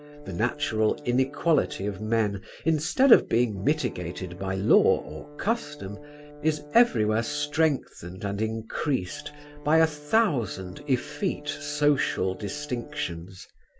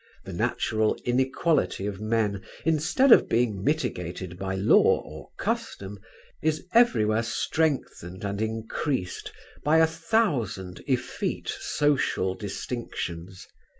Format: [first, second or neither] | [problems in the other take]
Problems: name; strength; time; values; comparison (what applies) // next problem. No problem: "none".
second | background sound (Brass instrument); 19 dB below the speech